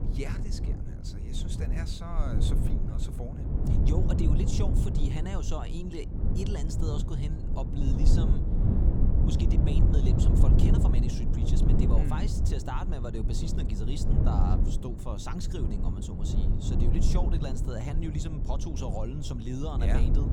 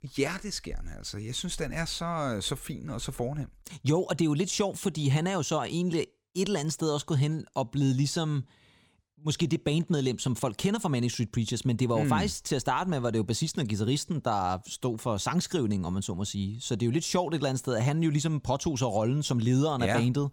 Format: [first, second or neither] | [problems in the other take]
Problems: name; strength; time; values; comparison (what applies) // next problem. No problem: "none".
second | low rumble; loud; throughout; as loud as the speech